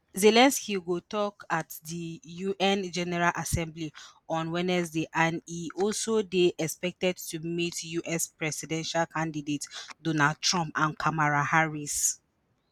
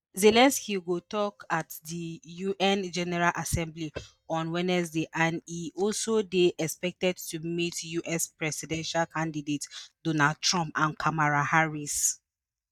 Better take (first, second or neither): first